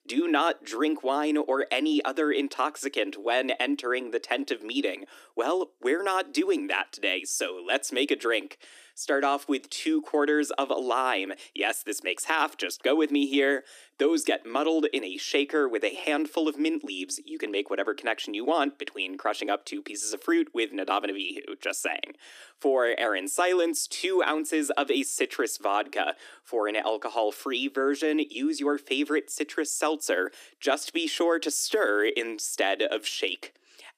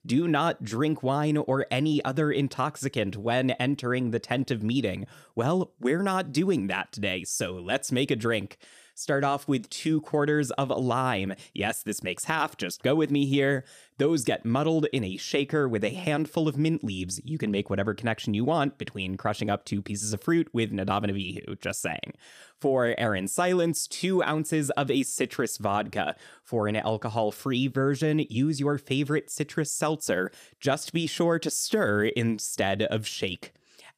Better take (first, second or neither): second